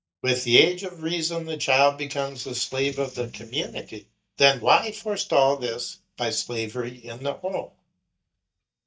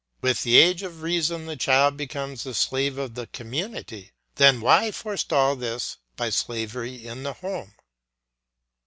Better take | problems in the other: second | noise reduction (neural mask model DeepFilterNet 3)

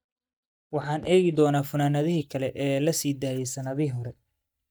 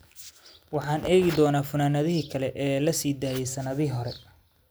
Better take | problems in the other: second | noise reduction (neural mask model DeepFilterNet 3)

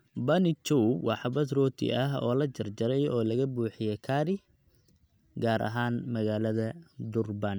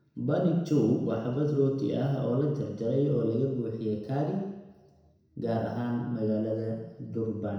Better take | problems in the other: first | room echo; dies away in 1 s

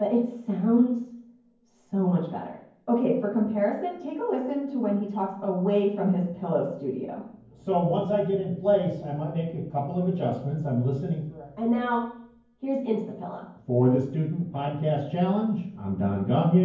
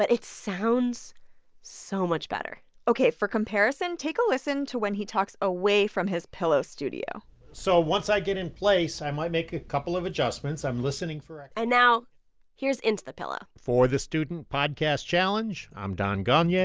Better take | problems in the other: second | room echo; dies away in 0.9 s

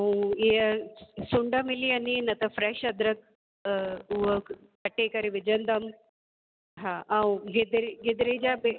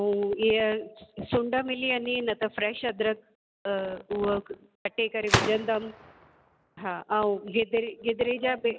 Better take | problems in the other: first | background sound (Gunshot, gunfire); 6 dB below the speech

